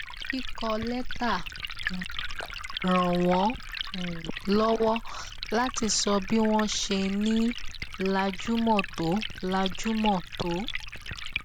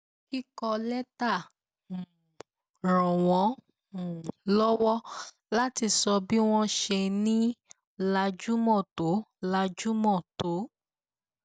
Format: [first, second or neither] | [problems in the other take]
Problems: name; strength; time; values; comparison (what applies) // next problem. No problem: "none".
second | background sound (Liquid); 6 dB below the speech